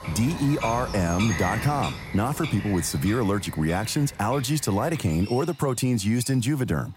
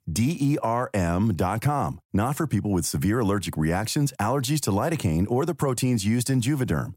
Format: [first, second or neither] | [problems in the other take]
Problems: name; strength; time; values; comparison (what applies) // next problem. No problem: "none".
second | animal sounds; noticeable; throughout; 10 dB below the speech